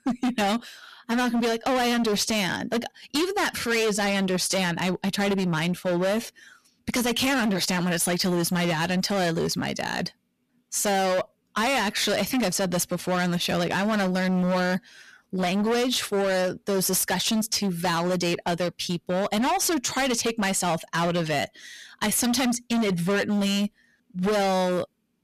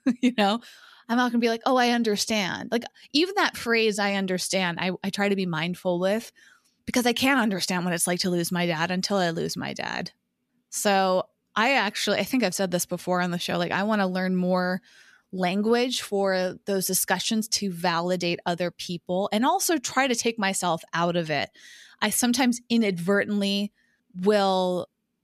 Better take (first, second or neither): second